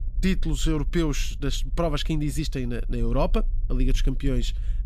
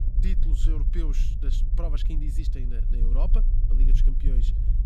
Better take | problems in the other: first | low rumble; loud; throughout; 5 dB below the speech; faint in the first

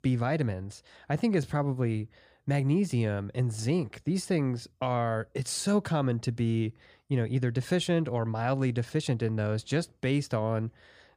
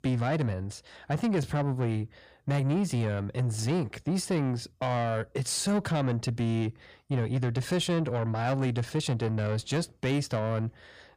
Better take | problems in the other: first | distortion; slight; 10 dB below the speech

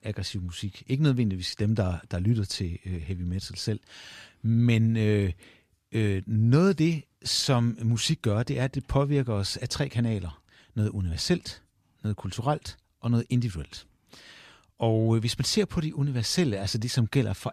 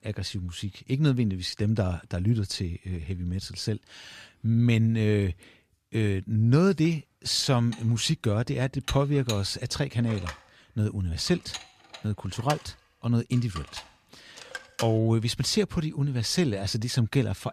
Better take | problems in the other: first | clattering dishes; noticeable; from 7.5 to 15 s; peak 9 dB below the speech

